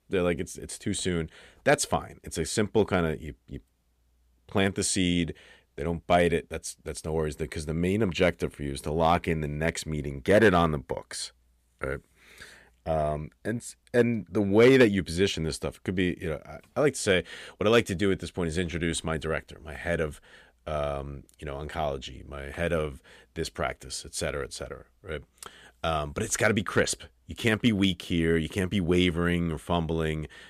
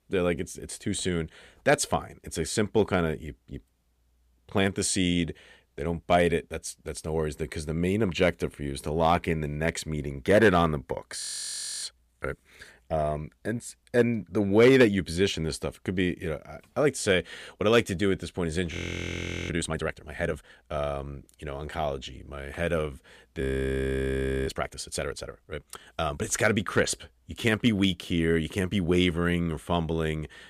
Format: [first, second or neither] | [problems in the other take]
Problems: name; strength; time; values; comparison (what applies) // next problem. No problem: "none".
first | audio freezing; at 11 s for 0.5 s, at 19 s for 1 s and at 23 s for 1 s